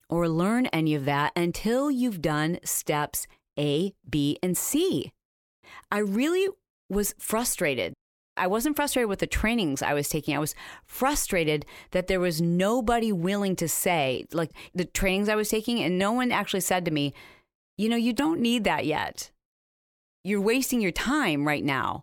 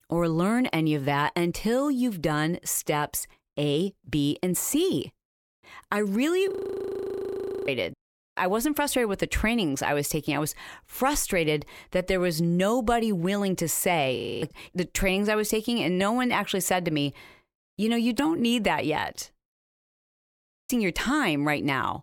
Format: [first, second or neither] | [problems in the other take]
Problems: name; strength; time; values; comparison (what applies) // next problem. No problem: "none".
first | audio freezing; at 6.5 s for 1 s, at 14 s and at 20 s for 0.5 s